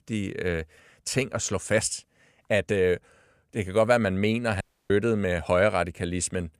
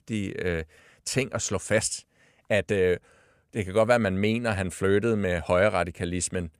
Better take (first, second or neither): second